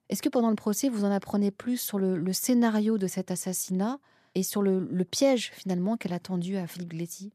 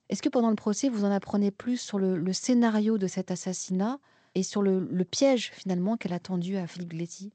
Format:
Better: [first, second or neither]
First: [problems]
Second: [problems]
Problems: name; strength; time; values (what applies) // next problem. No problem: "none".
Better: first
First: none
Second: garbled, watery; slightly; nothing above 7.5 kHz